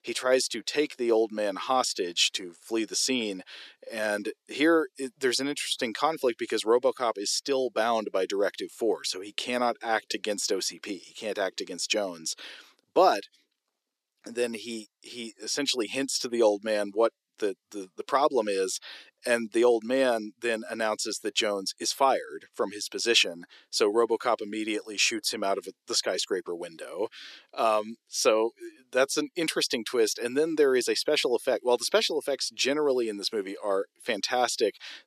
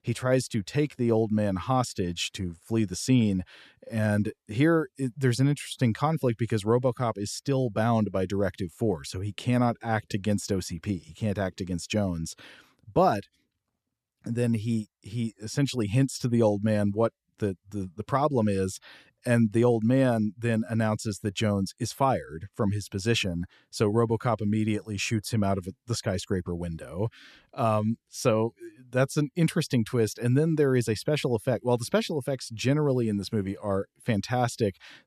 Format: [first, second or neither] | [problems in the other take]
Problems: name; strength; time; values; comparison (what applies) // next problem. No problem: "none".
second | thin; somewhat; fading below 350 Hz